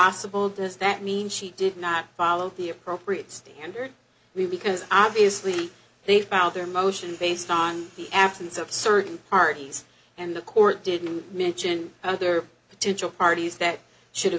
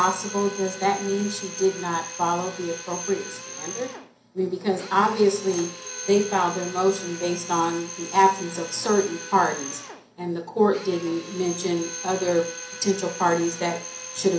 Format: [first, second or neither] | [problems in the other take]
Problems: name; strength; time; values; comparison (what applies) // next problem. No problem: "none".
first | background sound (Drill); 12 dB below the speech // room echo; dies away in 0.5 s